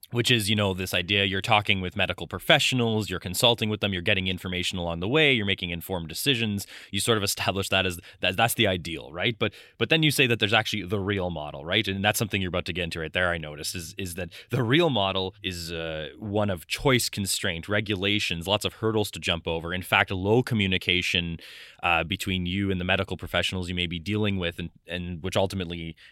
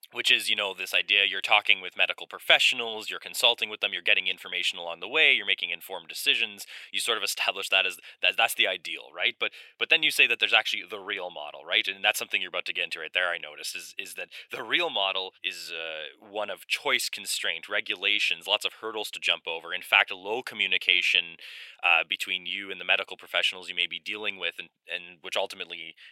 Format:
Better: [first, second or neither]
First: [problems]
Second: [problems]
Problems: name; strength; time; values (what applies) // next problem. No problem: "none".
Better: first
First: none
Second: thin; very; fading below 650 Hz